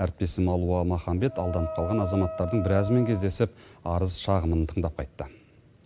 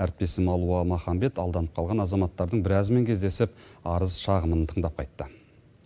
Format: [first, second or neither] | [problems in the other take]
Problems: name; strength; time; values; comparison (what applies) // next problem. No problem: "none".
second | background sound (Wind instrument, woodwind instrument); 10 dB below the speech